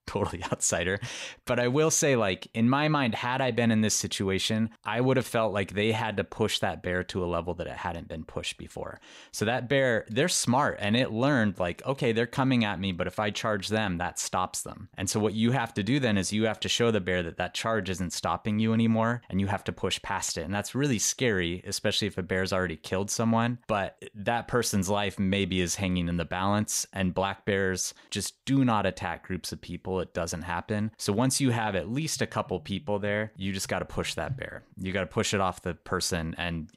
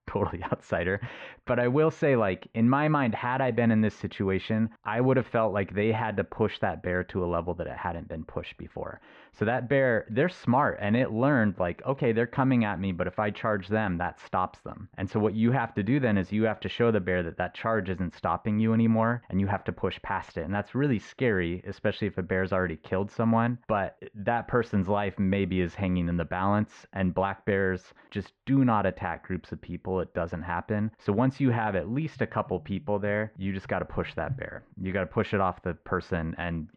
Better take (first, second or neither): first